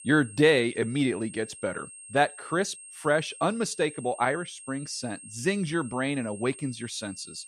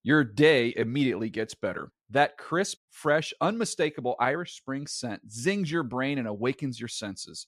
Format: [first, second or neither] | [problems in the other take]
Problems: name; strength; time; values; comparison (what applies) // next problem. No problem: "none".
second | high-pitched whine; noticeable; throughout; 8.5 kHz, 15 dB below the speech